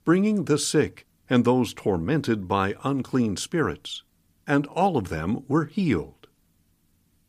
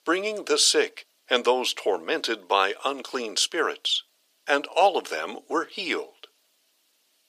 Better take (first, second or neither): first